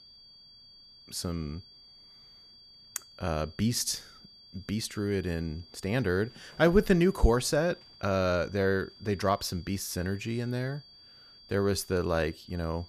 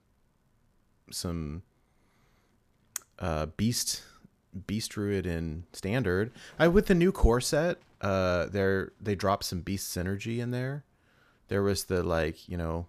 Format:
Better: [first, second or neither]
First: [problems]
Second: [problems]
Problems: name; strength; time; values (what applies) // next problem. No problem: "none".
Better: second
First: high-pitched whine; faint; throughout; 4.5 kHz, 20 dB below the speech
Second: none